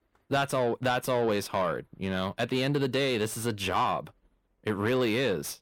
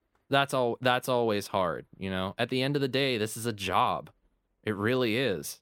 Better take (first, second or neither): second